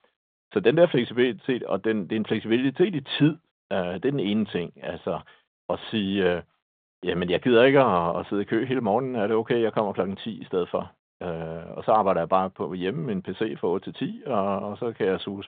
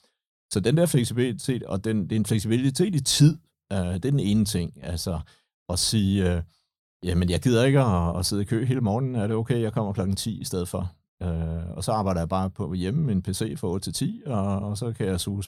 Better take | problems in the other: second | phone-call audio

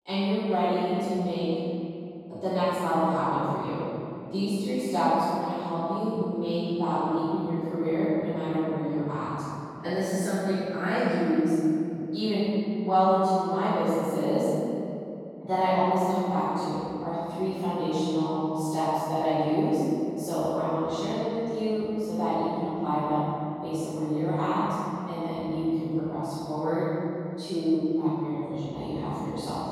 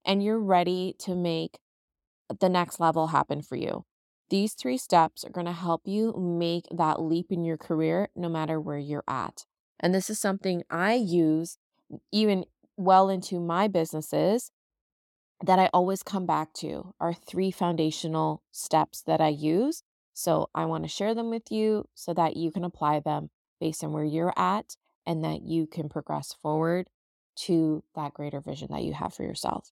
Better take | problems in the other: second | off-mic speech; far // room echo; strong; dies away in 2.9 s

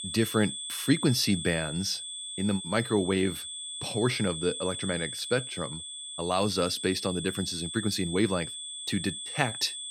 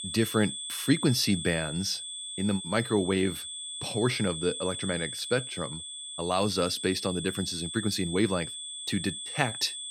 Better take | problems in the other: neither | high-pitched whine; loud; throughout; 3.5 kHz, 6 dB below the speech; the same in both

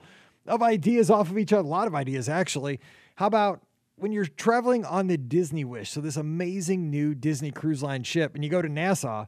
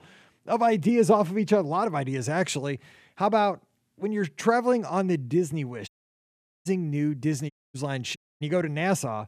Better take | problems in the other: first | audio cutting out; at 6 s for 1 s, at 7.5 s and at 8 s

